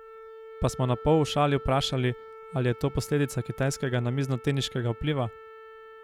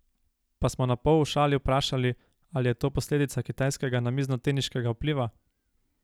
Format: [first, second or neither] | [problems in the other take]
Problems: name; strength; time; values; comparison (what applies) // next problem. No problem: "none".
second | background sound (Wind instrument, woodwind instrument); 16 dB below the speech